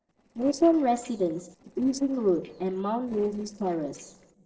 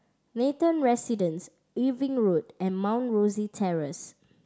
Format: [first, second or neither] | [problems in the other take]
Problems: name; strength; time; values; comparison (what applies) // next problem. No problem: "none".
second | noise reduction (neural separator model SepFormer DNS4)